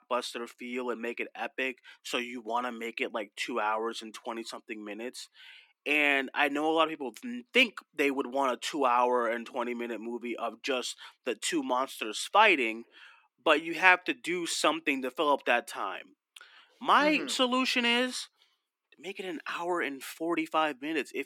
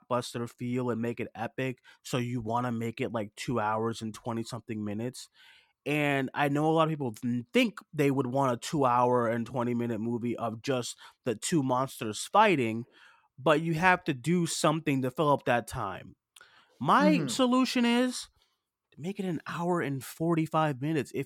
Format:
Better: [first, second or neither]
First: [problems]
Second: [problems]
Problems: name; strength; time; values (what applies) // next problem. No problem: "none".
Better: second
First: thin; very slightly; fading below 250 Hz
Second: none